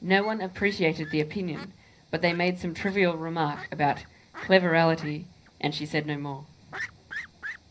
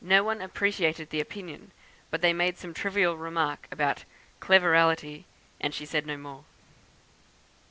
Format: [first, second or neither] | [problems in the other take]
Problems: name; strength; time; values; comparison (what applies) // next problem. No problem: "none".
second | background sound (Fowl); 17 dB below the speech // room echo; dies away in 0.5 s